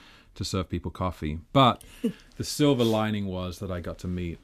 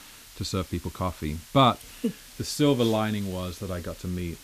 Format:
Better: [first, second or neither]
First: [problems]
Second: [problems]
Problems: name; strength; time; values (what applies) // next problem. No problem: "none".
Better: first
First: none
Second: hiss; noticeable; throughout; 20 dB below the speech